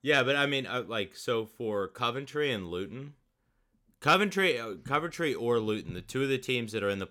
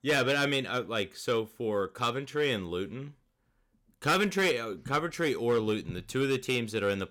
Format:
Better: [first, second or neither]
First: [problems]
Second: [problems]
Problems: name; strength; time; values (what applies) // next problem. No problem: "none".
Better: first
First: none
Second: distortion; slight; 4% of the sound clipped